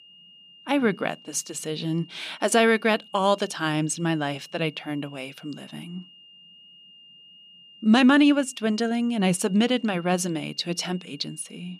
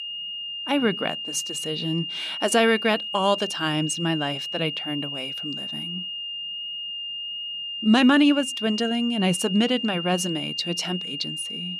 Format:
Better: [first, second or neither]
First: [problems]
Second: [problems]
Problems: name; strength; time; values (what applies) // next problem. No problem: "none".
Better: first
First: high-pitched whine; faint; throughout; 3 kHz, 25 dB below the speech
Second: high-pitched whine; loud; throughout; 3 kHz, 6 dB below the speech